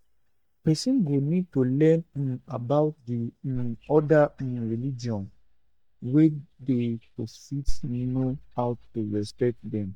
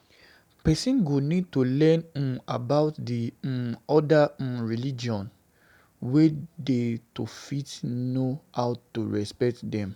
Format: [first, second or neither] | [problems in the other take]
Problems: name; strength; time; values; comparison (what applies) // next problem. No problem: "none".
second | noise reduction (neural mask model DeepFilterNet 3)